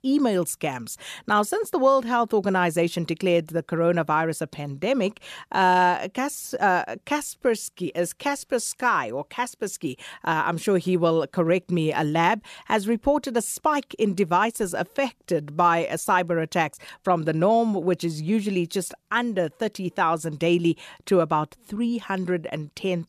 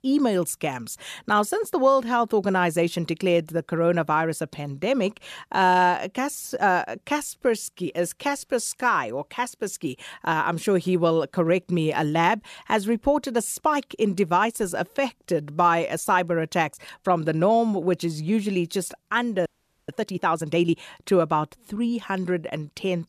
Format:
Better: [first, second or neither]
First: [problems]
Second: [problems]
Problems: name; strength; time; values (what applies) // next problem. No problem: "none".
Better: first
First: none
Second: audio freezing; at 19 s